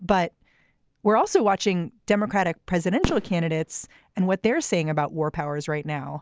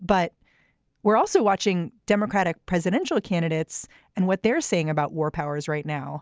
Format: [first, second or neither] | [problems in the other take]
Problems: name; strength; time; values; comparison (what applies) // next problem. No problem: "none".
second | background sound (Fireworks); 15 dB below the speech